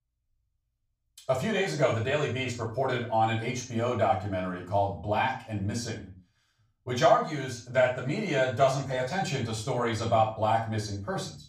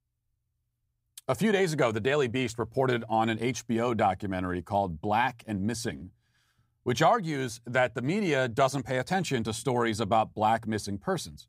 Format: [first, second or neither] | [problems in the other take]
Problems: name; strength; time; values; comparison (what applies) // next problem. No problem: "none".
second | room echo; noticeable; dies away in 0.3 s // off-mic speech; far